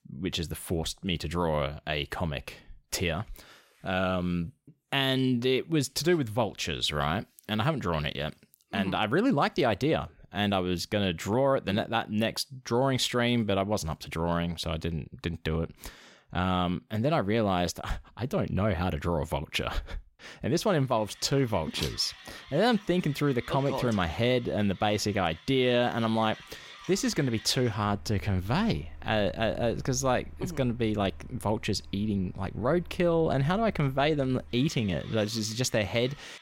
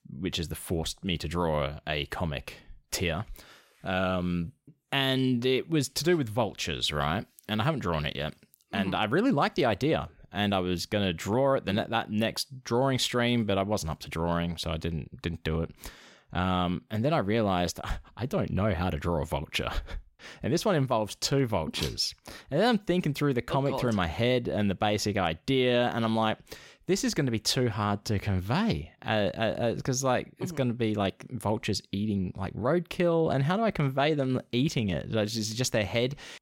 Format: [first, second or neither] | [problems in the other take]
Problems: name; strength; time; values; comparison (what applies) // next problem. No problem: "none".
second | machinery noise; noticeable; from 21 s on; 20 dB below the speech